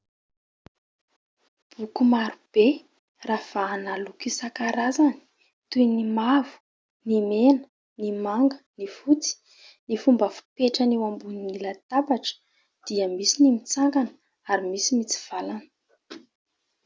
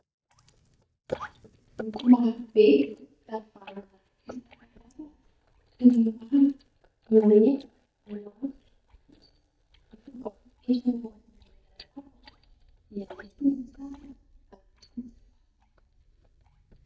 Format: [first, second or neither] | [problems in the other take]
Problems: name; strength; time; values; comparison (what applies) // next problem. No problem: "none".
first | noise reduction (neural mask model DeepFilterNet 3)